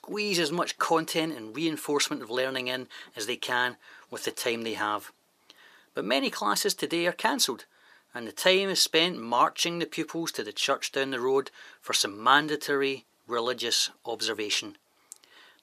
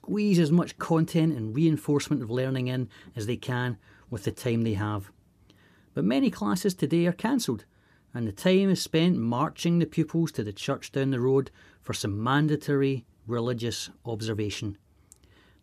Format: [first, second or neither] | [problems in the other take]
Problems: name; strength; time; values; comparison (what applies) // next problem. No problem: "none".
second | thin; very; fading below 650 Hz